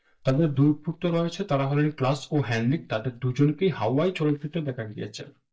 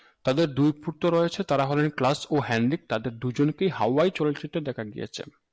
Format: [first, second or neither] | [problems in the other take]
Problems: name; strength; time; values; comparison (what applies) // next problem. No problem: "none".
second | noise reduction (neural mask model DeepFilterNet 3)